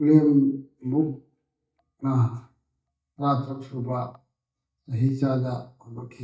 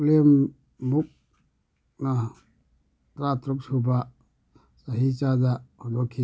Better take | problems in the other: second | noise reduction (neural mask model DeepFilterNet 3)

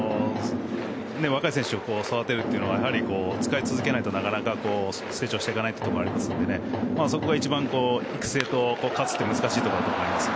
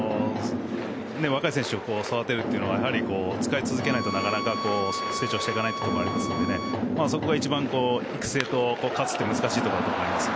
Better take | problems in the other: first | background sound (Bowed string instrument); 7 dB below the speech

